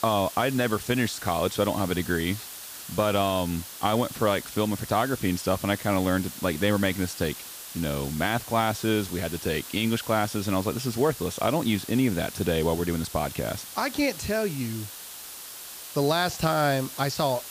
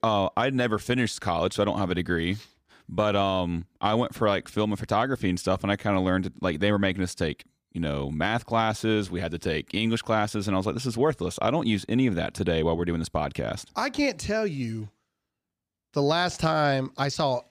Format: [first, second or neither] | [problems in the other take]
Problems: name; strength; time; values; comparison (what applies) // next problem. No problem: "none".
second | hiss; noticeable; throughout; 10 dB below the speech